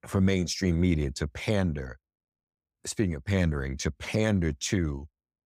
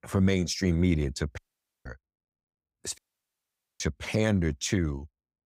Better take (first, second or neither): first